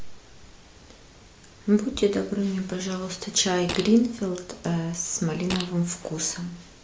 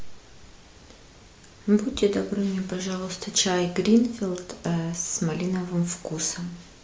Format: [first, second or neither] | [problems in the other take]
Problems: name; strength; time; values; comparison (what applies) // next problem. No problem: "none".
second | background sound (Fart); 11 dB below the speech